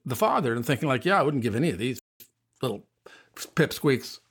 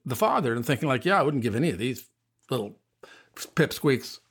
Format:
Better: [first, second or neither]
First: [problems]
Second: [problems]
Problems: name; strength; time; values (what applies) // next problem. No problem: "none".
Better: second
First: audio freezing; at 2 s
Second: none